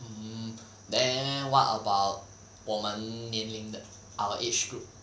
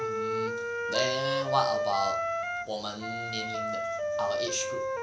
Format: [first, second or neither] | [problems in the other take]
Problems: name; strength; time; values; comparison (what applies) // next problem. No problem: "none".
first | background sound (Wind instrument, woodwind instrument); 3 dB above the speech